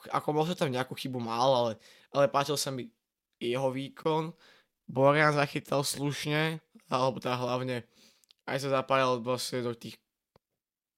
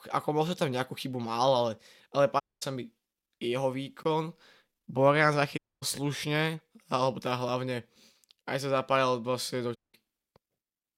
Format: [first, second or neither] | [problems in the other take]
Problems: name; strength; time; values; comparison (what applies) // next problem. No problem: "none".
first | audio cutting out; at 2.5 s, at 5.5 s and at 10 s